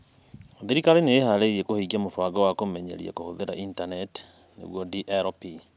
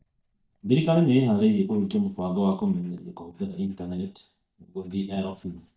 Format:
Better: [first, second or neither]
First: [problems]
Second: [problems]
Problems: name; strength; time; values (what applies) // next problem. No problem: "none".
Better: first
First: none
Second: noise reduction (neural mask model DeepFilterNet 3)